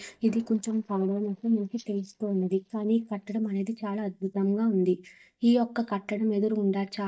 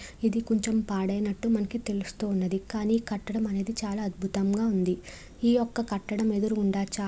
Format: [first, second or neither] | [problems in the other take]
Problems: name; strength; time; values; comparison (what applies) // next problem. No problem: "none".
second | noise reduction (neural mask model DeepFilterNet 3)